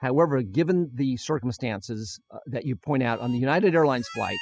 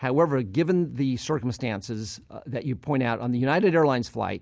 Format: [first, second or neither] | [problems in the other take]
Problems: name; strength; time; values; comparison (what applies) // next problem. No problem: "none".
second | noise reduction (classical method spectral subtraction)